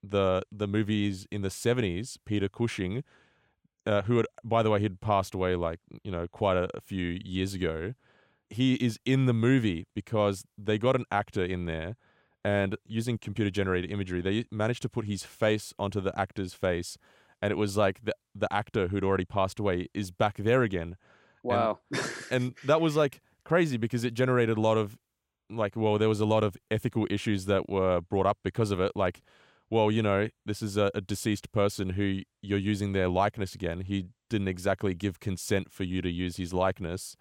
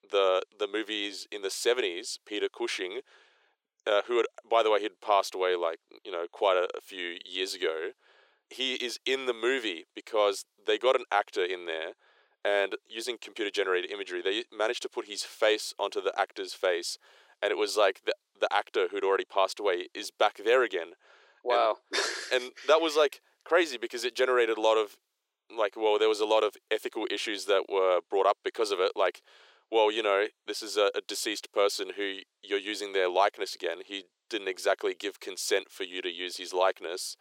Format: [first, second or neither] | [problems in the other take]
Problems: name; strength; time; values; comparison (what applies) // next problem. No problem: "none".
first | thin; very; fading below 350 Hz